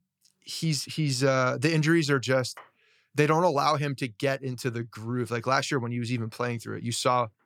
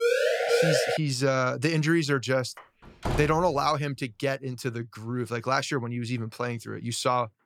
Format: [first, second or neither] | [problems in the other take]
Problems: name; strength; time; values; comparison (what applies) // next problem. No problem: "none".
first | siren; loud; at the start; peak 4 dB above the speech // door banging; noticeable; at 3 s; peak 4 dB below the speech